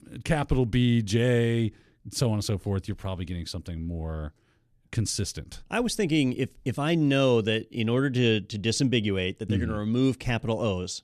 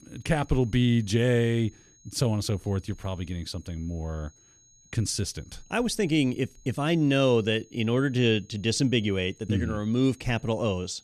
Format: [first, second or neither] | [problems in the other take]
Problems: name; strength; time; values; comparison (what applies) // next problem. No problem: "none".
first | high-pitched whine; faint; throughout; 6.5 kHz, 30 dB below the speech